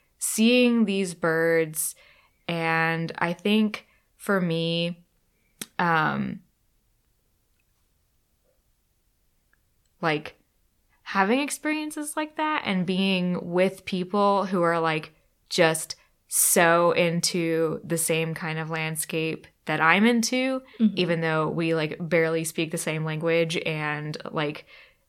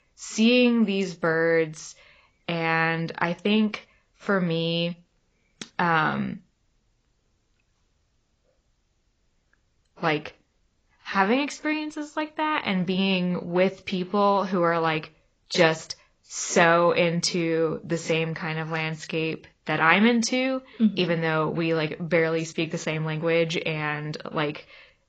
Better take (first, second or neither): first